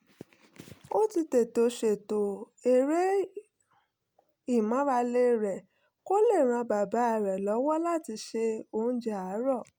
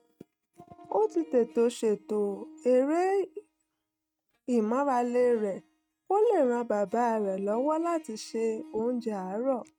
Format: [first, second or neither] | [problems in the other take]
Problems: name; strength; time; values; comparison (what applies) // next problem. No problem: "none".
first | noise reduction (neural mask model RNNoise)